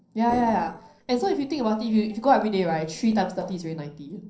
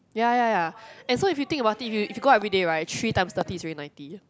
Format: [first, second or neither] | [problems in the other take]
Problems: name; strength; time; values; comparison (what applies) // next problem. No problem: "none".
second | noise reduction (neural separator model SepFormer DNS4)